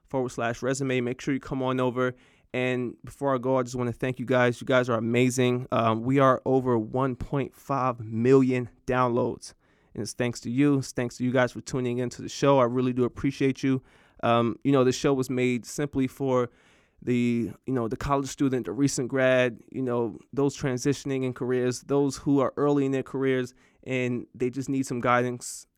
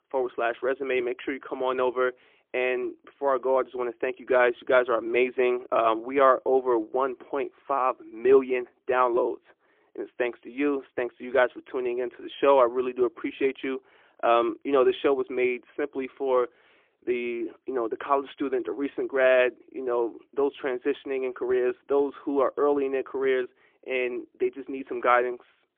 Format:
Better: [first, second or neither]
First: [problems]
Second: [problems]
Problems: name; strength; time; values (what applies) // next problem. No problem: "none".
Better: first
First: none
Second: phone-call audio; poor line; nothing above 3.5 kHz